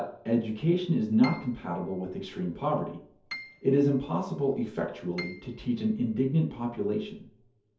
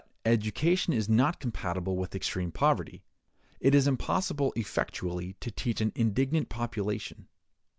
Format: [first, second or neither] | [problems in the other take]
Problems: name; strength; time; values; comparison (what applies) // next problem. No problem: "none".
second | background sound (Piano); 18 dB below the speech // room echo; dies away in 0.5 s